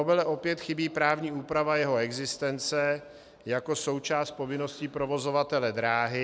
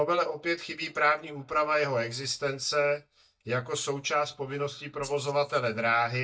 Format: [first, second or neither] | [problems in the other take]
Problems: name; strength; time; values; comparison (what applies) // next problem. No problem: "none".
first | noise reduction (neural mask model DeepFilterNet 3)